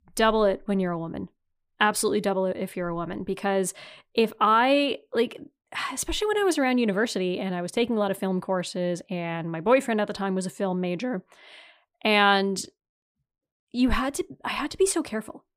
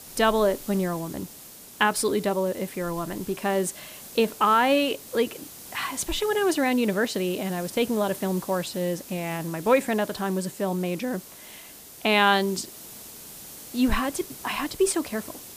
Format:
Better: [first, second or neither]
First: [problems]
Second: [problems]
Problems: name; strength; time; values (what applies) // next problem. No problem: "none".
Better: first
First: none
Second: hiss; noticeable; throughout; 15 dB below the speech